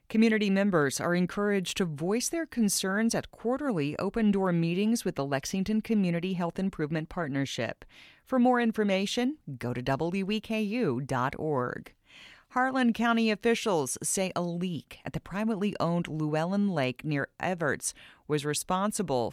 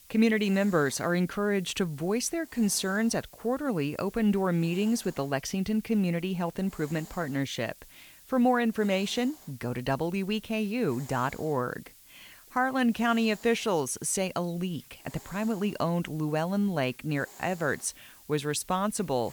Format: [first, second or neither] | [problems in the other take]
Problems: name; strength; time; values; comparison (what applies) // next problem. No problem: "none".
first | hiss; faint; throughout; 20 dB below the speech